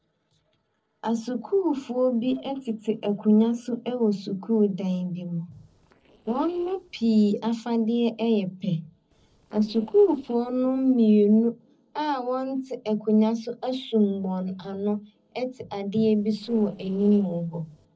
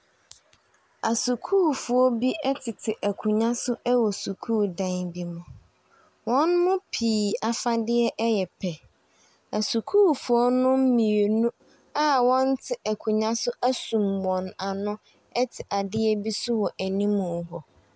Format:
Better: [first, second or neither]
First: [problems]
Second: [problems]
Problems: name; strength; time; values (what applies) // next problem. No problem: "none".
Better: second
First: noise reduction (neural separator model SepFormer DNS4)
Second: none